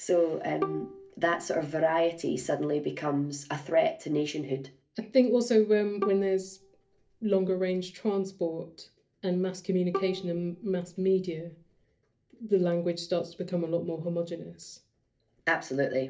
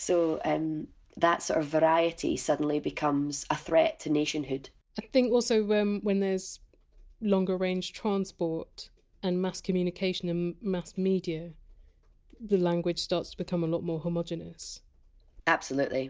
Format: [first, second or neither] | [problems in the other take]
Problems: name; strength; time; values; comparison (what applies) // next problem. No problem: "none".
second | background sound (Bowed string instrument); 11 dB below the speech // room echo; dies away in 0.3 s